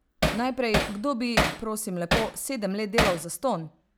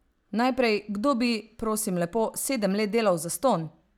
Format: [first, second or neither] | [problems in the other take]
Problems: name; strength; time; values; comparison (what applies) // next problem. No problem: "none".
second | background sound (Hammer); 1 dB above the speech